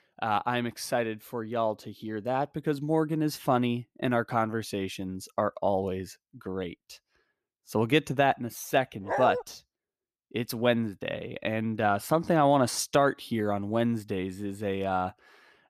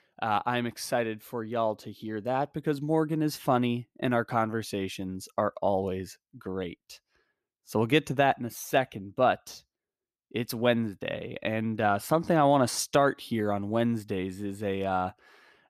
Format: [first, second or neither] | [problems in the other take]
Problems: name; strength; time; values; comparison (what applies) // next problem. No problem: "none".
second | dog barking; noticeable; at 9 s; peak 2 dB below the speech